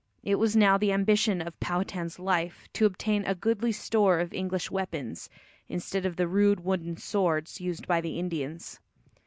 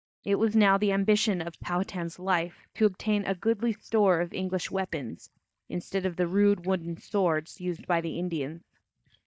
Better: first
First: none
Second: noise reduction (neural mask model DeepFilterNet 3)

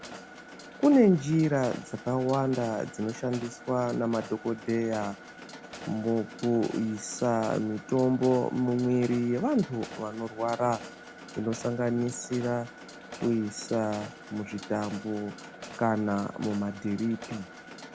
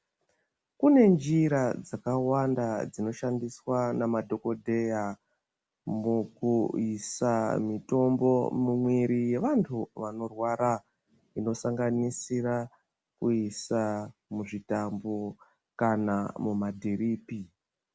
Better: second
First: background sound (Mechanisms); 16 dB below the speech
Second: none

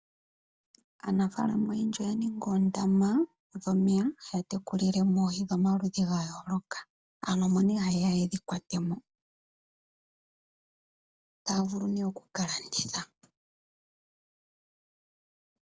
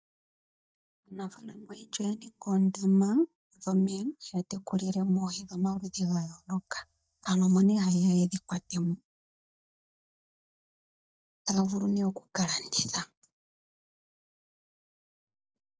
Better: first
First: none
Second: noise reduction (neural mask model DeepFilterNet 3)

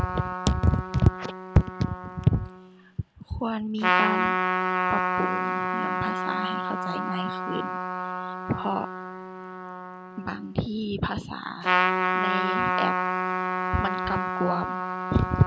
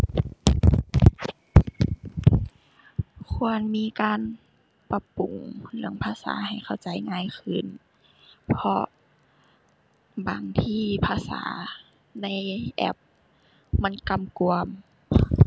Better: second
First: background sound (Trumpet); as loud as the speech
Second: none

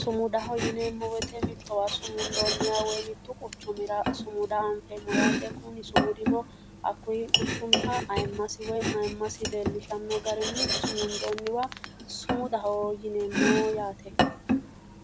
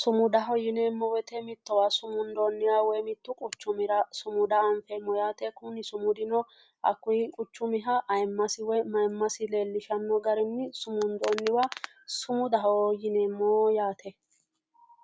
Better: second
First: background sound (Domestic sounds, home sounds); as loud as the speech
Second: none

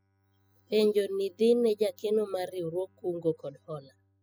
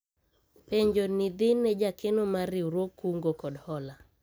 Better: second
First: noise reduction (classical method spectral subtraction)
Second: none

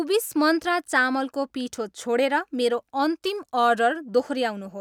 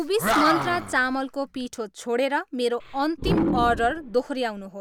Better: first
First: none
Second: background sound (Animal); 4 dB below the speech

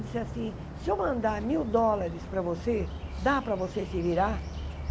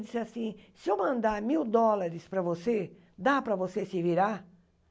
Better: second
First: background sound (Bird); 7 dB below the speech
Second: none

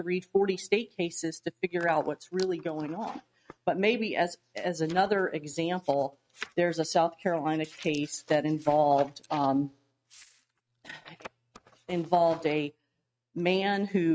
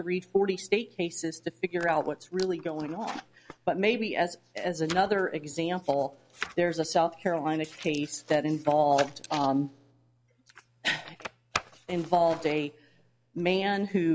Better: second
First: noise reduction (neural mask model RNNoise)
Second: none

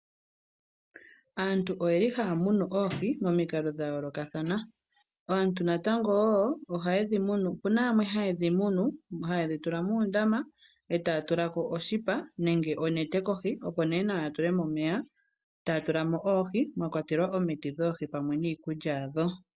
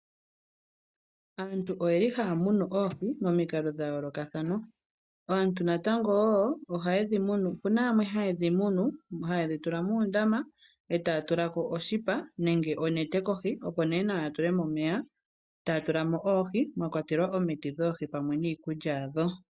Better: first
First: none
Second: noise reduction (neural mask model DeepFilterNet 3)

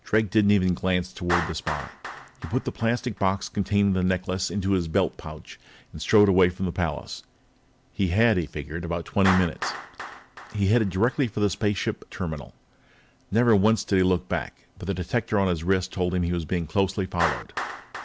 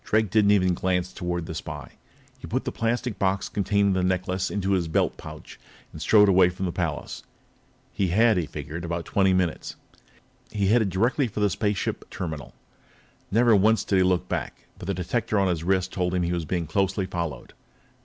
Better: second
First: background sound (Clapping); 13 dB below the speech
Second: none

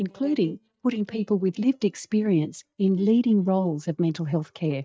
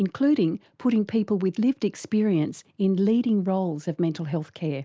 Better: second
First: noise reduction (neural mask model DeepFilterNet 3)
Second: none

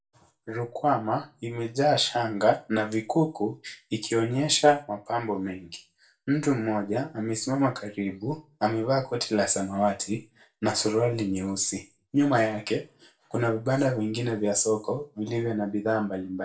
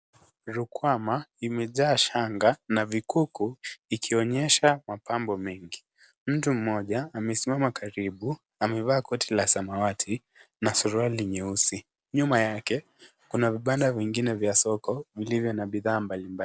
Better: second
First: room echo; dies away in 0.3 s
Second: none

